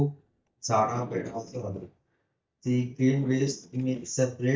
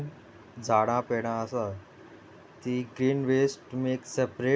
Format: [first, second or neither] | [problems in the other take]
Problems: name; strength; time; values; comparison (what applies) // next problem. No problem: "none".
second | noise reduction (neural mask model DeepFilterNet 3)